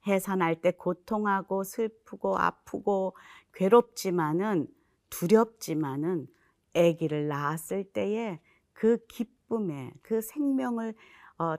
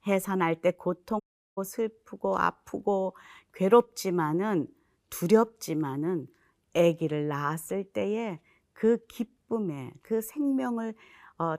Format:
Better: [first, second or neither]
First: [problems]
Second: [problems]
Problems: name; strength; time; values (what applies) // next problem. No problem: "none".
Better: first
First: none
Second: audio cutting out; at 1 s